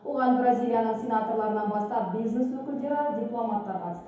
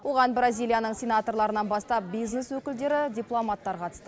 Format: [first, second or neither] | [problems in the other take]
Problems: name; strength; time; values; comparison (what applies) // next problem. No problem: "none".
second | room echo; dies away in 2.2 s